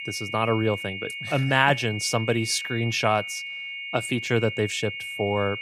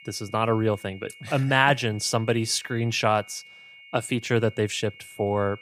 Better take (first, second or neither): second